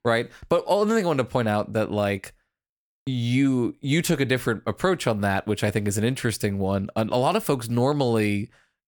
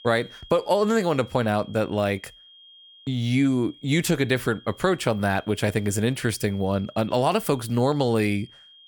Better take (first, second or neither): first